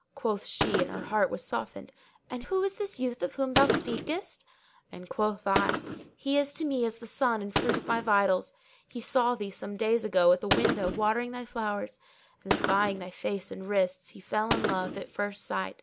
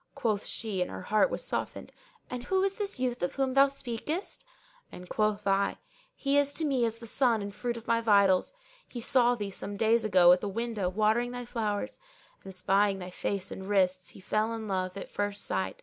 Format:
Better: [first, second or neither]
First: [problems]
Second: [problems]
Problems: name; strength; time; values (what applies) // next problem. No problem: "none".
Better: second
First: background sound (Gunshot, gunfire); 5 dB below the speech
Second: none